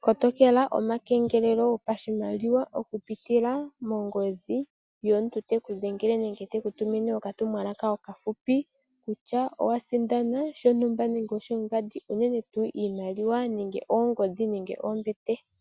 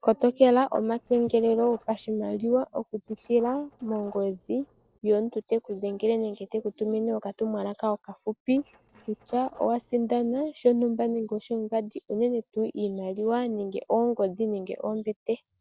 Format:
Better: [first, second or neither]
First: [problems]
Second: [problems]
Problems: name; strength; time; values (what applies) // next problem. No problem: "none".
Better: first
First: none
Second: noise reduction (neural separator model SepFormer DNS4)